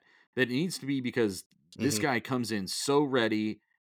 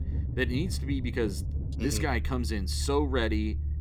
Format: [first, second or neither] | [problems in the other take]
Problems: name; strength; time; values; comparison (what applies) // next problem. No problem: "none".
first | low rumble; noticeable; throughout; 15 dB below the speech